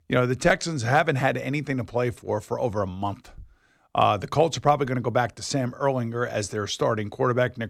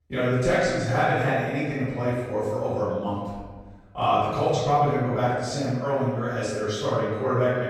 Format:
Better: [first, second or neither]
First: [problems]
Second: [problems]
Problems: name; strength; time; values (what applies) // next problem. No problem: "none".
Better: first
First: none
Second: off-mic speech; far // room echo; strong; dies away in 1.3 s